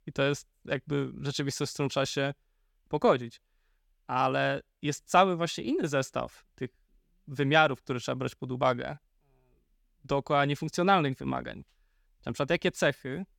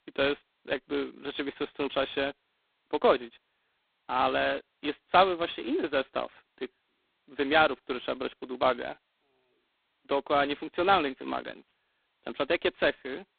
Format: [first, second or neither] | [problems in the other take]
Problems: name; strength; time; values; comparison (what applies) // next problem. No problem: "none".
first | phone-call audio; poor line; nothing above 4 kHz